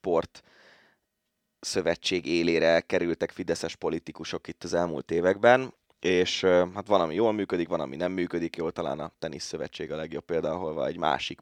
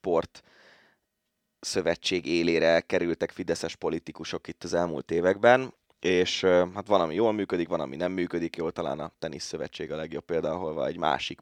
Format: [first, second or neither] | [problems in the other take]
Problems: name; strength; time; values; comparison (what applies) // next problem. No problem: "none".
neither | none